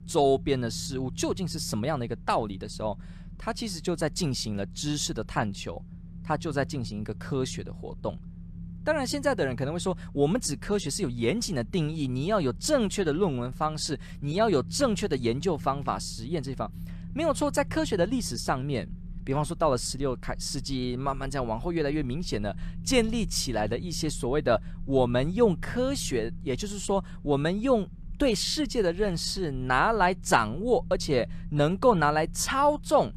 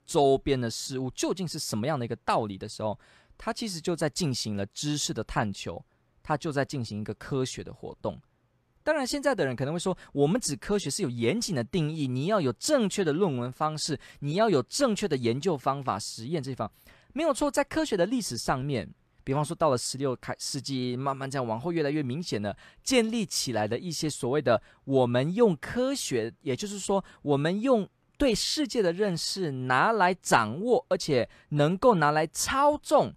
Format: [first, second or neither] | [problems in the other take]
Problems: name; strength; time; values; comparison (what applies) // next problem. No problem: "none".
second | low rumble; faint; throughout; 25 dB below the speech